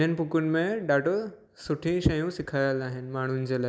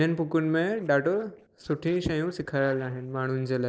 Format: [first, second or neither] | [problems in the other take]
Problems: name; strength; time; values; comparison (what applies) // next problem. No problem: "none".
first | noise reduction (neural separator model SepFormer DNS4)